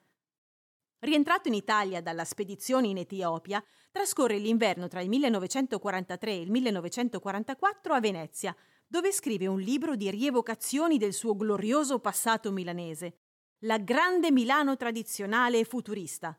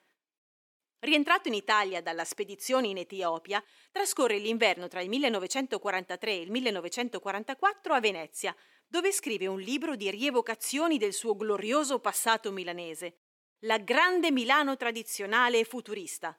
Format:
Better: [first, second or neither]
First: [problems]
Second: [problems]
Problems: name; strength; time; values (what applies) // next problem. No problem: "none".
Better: first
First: none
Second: thin; very slightly; fading below 350 Hz